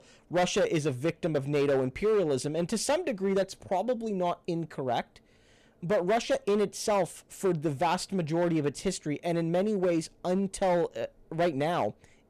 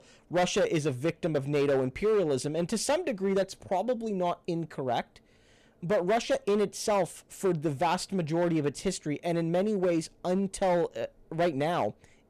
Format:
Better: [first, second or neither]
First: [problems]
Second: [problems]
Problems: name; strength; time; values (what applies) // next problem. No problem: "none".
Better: neither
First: distortion; slight; 8% of the sound clipped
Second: distortion; slight; 8% of the sound clipped